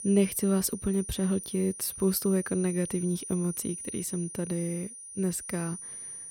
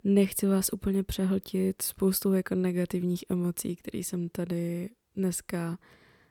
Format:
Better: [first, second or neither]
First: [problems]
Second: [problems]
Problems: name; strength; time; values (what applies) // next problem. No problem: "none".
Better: second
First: high-pitched whine; loud; throughout; 9.5 kHz, 9 dB below the speech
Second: none